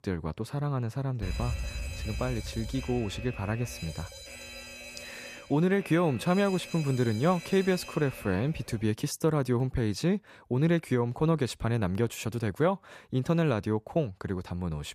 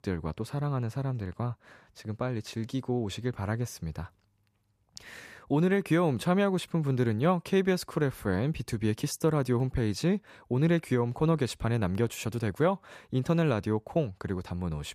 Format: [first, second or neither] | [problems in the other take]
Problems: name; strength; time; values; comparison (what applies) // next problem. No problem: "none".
second | alarm; noticeable; from 1 to 8.5 s; peak 6 dB below the speech